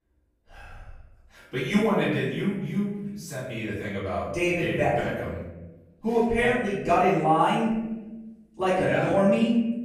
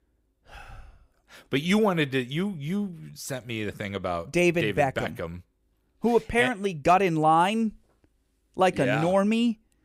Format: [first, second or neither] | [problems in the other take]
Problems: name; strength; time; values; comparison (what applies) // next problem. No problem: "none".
second | off-mic speech; far // room echo; noticeable; dies away in 1 s